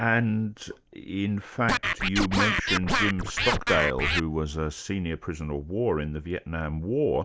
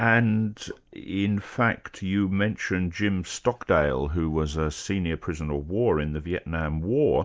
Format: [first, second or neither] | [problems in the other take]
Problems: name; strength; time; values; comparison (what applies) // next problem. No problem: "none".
second | background sound (Scratching (performance technique)); 1 dB above the speech